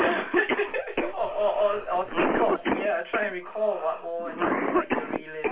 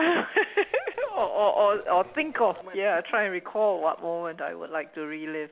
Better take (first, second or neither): second